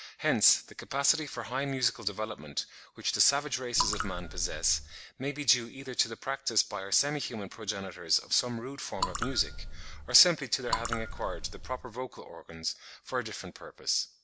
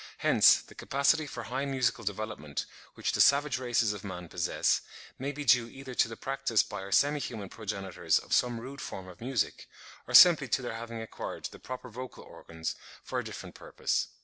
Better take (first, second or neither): second